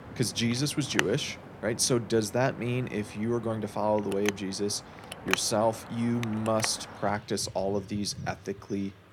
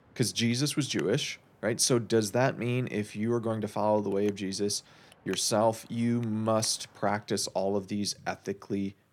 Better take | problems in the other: second | traffic noise; loud; throughout; 9 dB below the speech; faint in the second

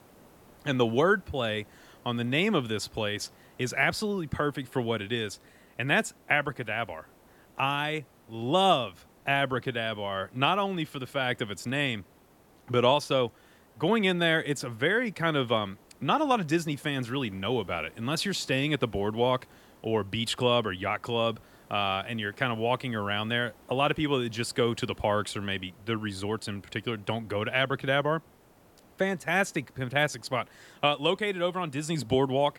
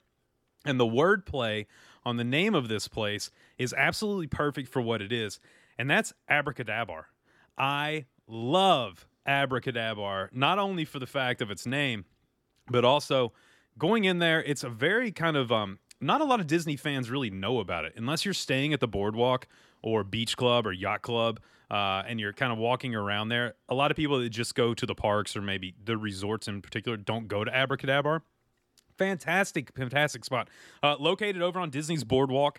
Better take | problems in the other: second | hiss; faint; throughout; 30 dB below the speech

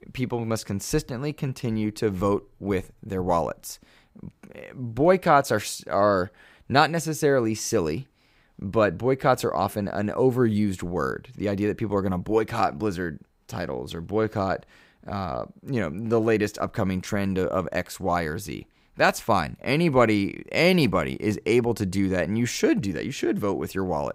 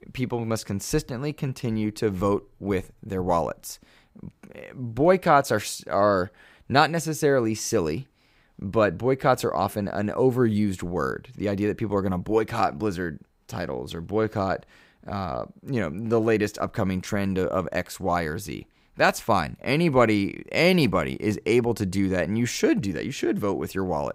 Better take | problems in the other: neither | none

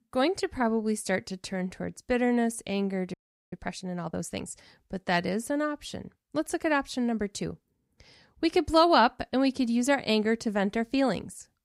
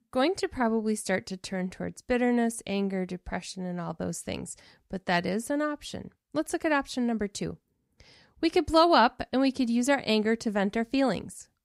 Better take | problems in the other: second | audio freezing; at 3 s

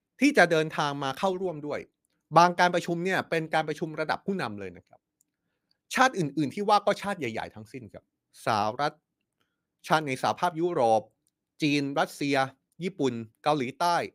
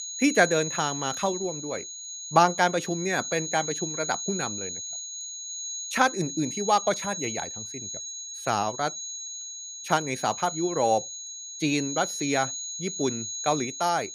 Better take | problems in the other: first | high-pitched whine; loud; throughout; 6.5 kHz, 6 dB below the speech

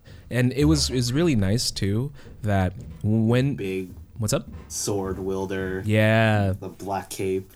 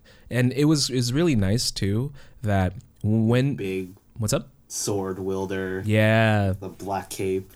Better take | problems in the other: second | footsteps; noticeable; until 6.5 s; peak 8 dB below the speech

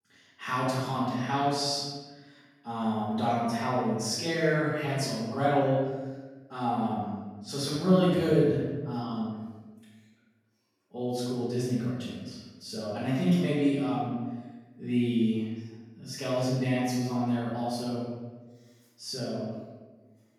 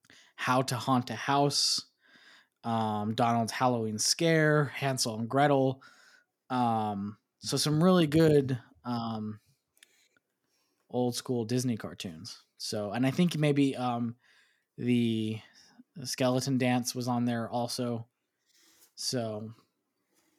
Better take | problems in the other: second | room echo; strong; dies away in 1.2 s // off-mic speech; far

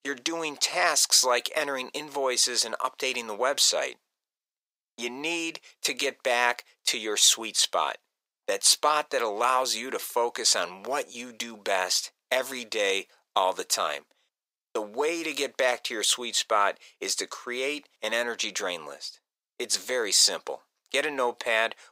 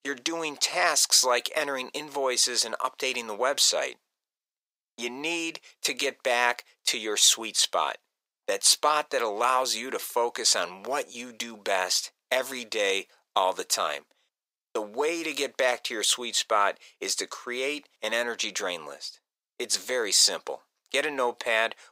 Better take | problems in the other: neither | thin; very; fading below 500 Hz; the same in both

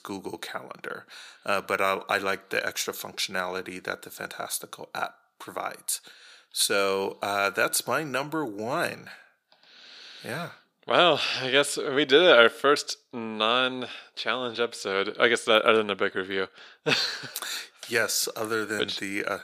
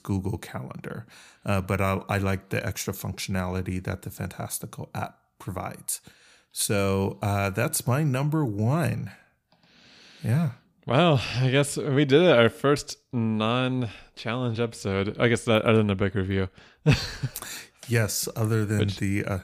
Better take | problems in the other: second | thin; very; fading below 450 Hz

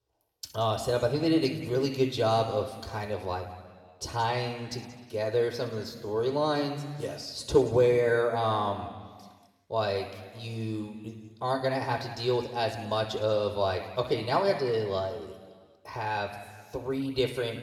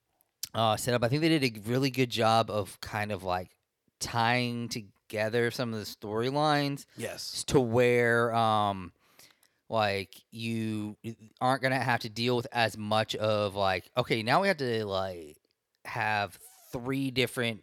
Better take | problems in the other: second | room echo; noticeable; dies away in 1.5 s

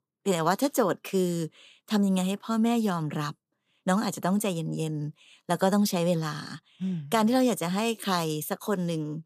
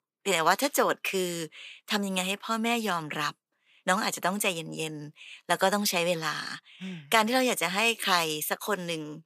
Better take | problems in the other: first | thin; somewhat; fading below 700 Hz

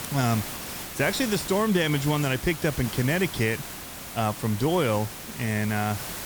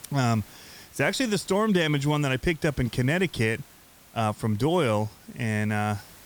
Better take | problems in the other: second | hiss; loud; throughout; 9 dB below the speech; faint in the second

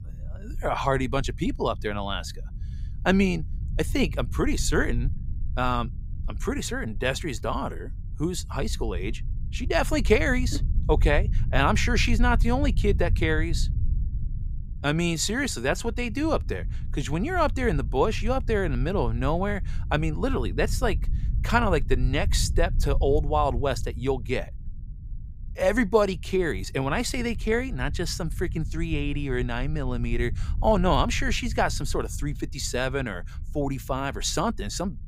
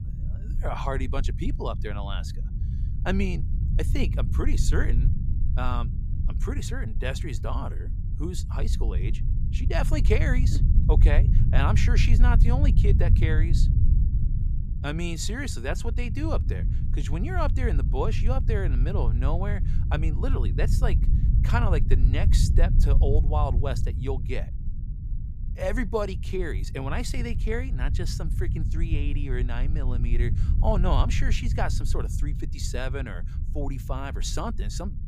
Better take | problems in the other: first | low rumble; loud; throughout; 9 dB below the speech; faint in the first

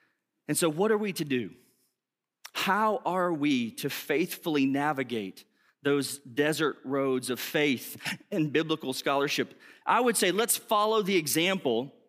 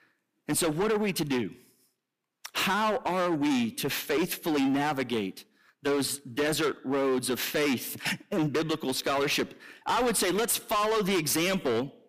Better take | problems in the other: first | distortion; heavy; 18% of the sound clipped

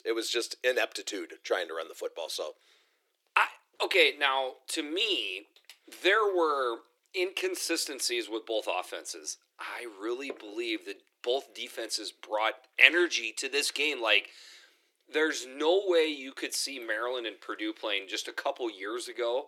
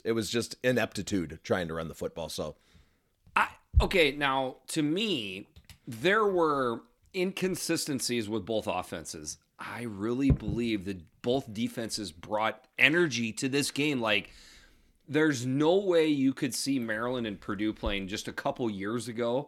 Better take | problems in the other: second | thin; very; fading below 350 Hz

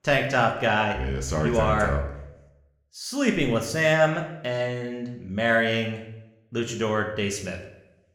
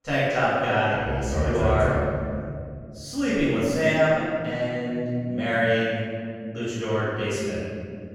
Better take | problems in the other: first | room echo; strong; dies away in 2.8 s; slight in the first // off-mic speech; far

